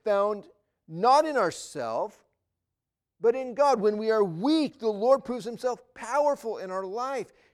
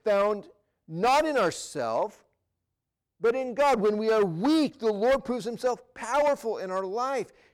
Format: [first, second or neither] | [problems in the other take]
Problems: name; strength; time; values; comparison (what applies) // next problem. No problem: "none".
first | distortion; slight; 7% of the sound clipped